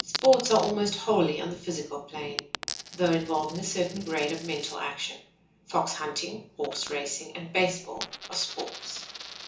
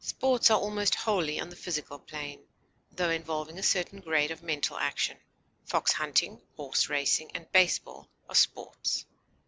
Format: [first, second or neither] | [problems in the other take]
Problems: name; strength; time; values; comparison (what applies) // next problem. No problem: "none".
second | background sound (Coin (dropping)); 13 dB below the speech // room echo; dies away in 0.7 s